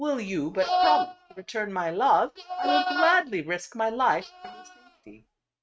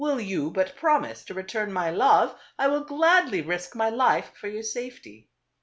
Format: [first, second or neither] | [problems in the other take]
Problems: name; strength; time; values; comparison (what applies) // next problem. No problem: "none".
second | noise reduction (neural mask model RNNoise)